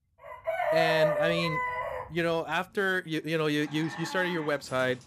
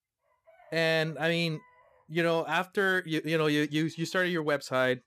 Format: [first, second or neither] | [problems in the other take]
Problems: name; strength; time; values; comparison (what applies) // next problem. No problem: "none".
second | animal sounds; loud; throughout; 1 dB below the speech; faint in the second